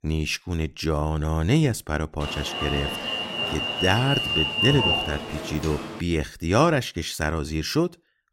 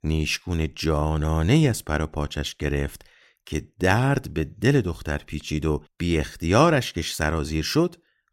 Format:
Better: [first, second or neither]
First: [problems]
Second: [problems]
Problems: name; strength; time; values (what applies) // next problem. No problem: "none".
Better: second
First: alarm; loud; from 2 to 6 s; peak 5 dB above the speech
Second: none